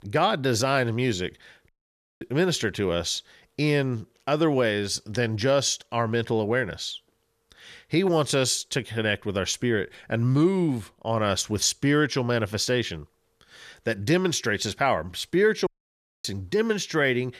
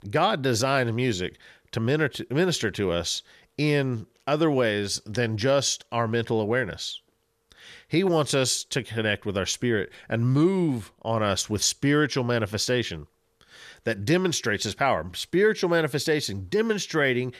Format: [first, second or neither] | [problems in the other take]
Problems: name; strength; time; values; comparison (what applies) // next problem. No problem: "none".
second | audio cutting out; at 1.5 s for 0.5 s and at 16 s for 0.5 s